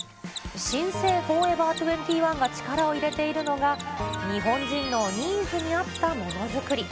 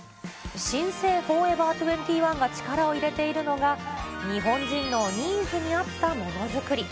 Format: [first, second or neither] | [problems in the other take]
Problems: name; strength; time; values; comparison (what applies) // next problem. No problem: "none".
second | background sound (Bell + Mechanisms); 14 dB below the speech